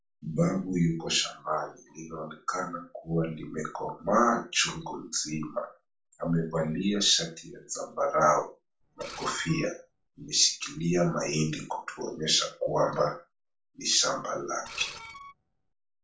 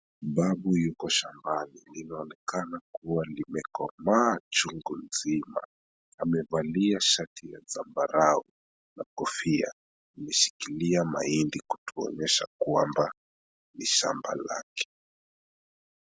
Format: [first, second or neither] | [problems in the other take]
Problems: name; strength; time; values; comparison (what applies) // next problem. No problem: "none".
second | background sound (Screech); 16 dB below the speech // room echo; dies away in 0.3 s